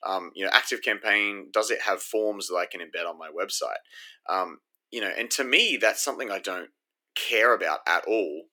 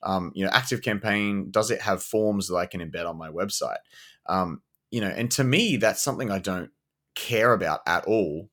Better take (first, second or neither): second